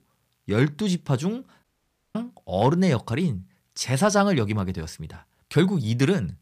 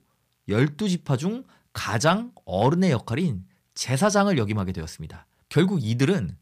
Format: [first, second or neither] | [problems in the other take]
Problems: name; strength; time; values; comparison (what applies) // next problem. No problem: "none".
second | audio cutting out; at 1.5 s for 0.5 s